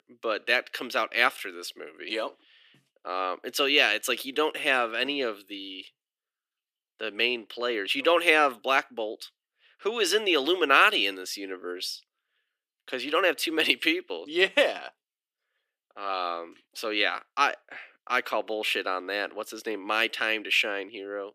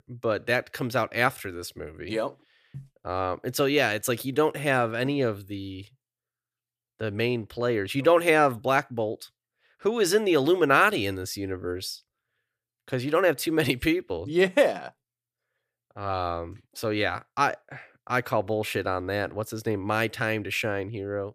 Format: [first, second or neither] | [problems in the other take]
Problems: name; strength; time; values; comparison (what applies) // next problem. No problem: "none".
second | thin; somewhat; fading below 250 Hz